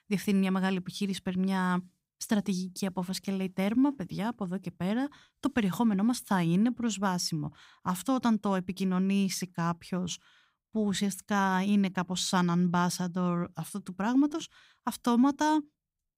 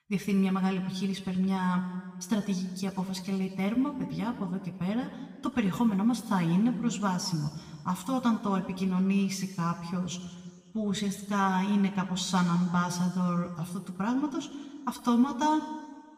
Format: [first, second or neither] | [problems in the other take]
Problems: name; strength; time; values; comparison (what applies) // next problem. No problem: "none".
first | room echo; slight; dies away in 1.5 s // off-mic speech; somewhat distant